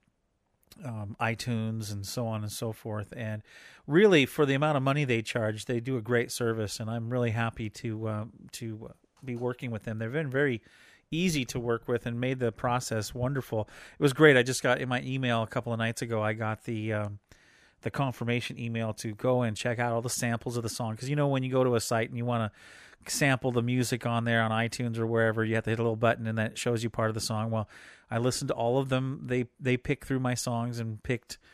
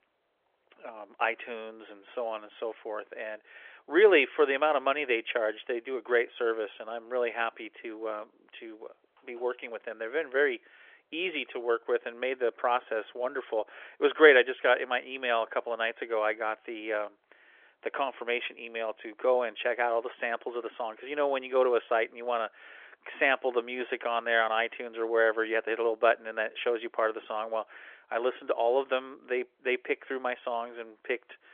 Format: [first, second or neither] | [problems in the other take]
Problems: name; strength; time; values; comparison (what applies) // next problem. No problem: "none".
first | phone-call audio; nothing above 3.5 kHz